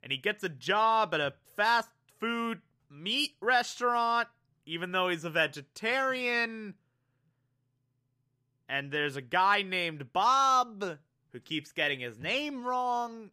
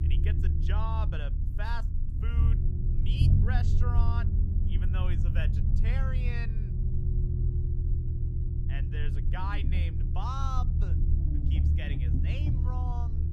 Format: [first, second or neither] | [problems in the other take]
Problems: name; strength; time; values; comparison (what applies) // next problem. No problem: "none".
first | low rumble; loud; throughout; 3 dB below the speech